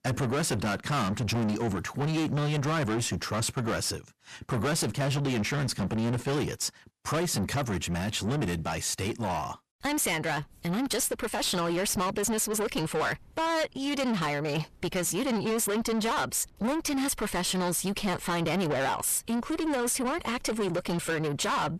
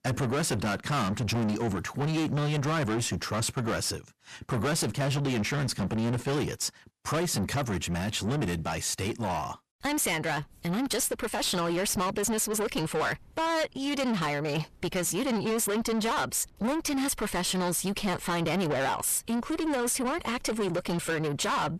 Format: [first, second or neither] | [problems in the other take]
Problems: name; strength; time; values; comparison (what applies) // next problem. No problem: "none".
neither | distortion; heavy; 7 dB below the speech; the same in both